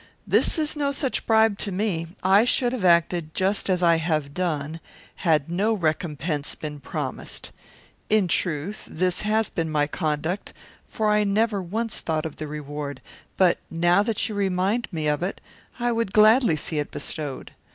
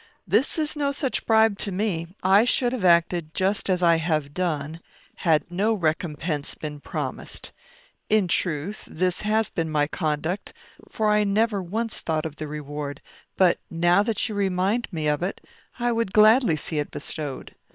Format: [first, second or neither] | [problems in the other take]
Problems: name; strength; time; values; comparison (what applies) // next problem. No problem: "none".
first | noise reduction (neural separator model SepFormer WHAM!)